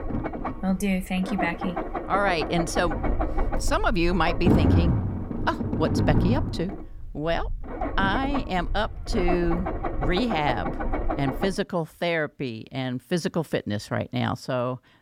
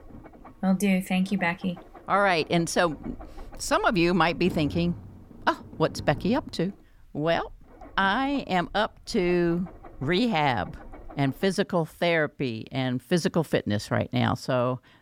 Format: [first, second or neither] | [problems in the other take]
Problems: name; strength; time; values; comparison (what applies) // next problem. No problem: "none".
second | low rumble; loud; until 12 s; 4 dB below the speech; faint in the second